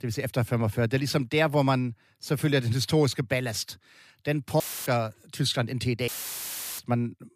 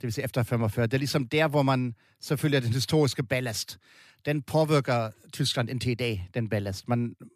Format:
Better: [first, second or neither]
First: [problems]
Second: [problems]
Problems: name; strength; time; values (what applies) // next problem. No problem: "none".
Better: second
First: audio cutting out; filled with static; at 4.5 s and at 6 s for 0.5 s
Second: none